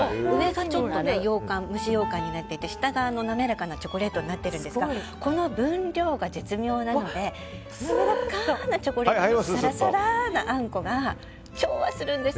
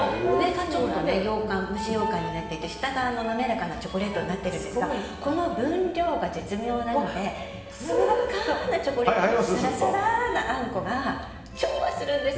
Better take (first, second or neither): first